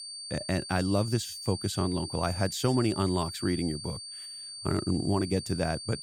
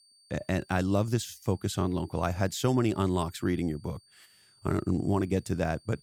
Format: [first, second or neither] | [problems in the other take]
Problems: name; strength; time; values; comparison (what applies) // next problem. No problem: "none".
second | high-pitched whine; loud; throughout; 4.5 kHz, 8 dB below the speech; faint in the second